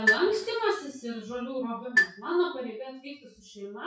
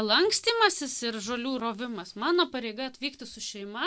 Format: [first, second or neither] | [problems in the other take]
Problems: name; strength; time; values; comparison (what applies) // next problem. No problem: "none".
second | noise reduction (classical method WPE with log-MMSE)